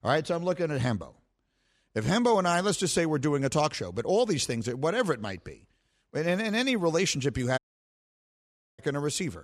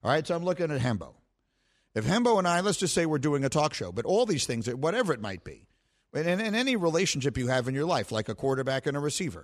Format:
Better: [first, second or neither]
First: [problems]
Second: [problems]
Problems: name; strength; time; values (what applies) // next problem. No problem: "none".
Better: second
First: audio cutting out; at 7.5 s for 1 s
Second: none